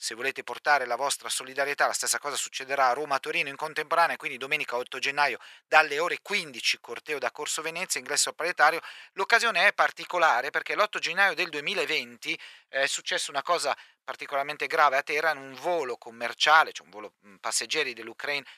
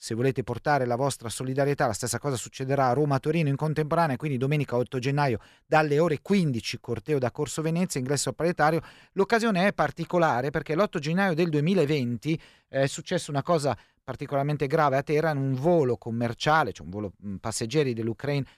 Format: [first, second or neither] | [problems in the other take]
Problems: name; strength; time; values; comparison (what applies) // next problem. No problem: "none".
second | thin; very; fading below 850 Hz